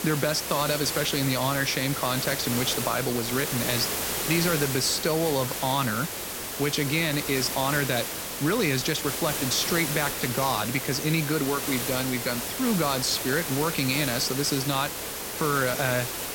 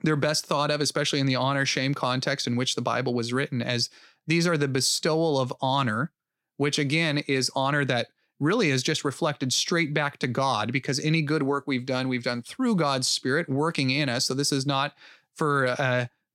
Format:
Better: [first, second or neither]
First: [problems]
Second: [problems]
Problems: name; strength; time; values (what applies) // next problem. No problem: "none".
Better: second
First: hiss; loud; throughout; 3 dB below the speech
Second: none